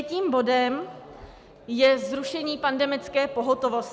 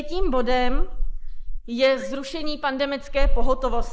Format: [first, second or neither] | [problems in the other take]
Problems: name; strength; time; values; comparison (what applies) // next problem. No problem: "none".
first | noise reduction (neural mask model Resemble Enhance denoiser)